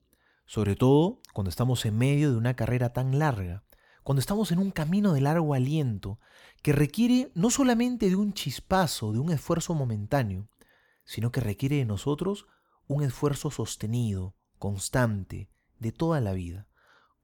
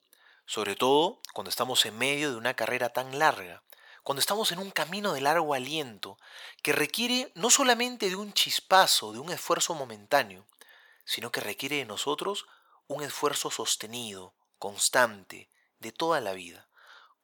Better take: first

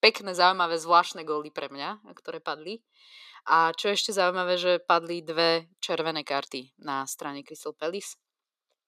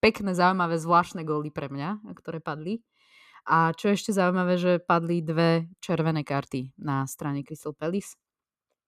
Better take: second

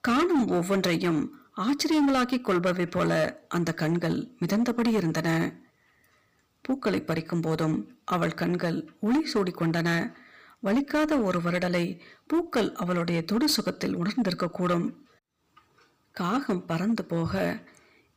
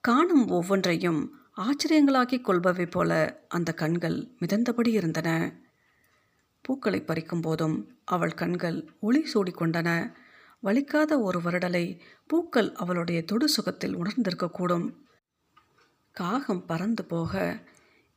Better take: second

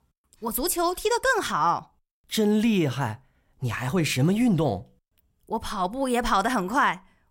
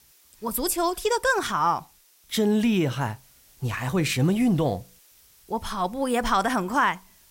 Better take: first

